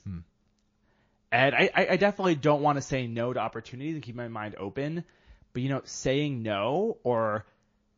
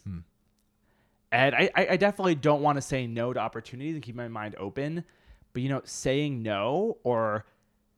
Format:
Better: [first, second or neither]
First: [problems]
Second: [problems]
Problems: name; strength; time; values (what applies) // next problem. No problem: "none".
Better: second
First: garbled, watery; slightly; nothing above 6.5 kHz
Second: none